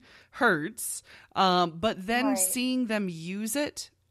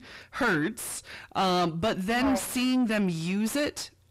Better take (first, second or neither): first